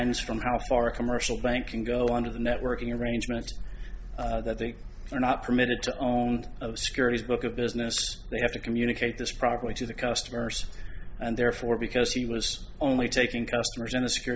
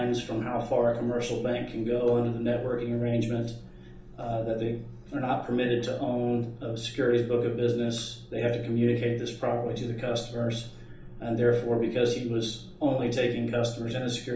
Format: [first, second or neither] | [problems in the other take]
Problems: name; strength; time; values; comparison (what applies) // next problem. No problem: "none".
first | room echo; dies away in 1.2 s